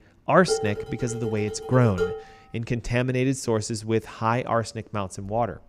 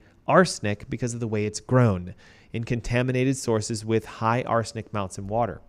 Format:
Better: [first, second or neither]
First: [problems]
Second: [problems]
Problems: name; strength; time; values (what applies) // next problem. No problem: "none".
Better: second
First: clattering dishes; noticeable; until 2 s; peak 3 dB below the speech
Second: none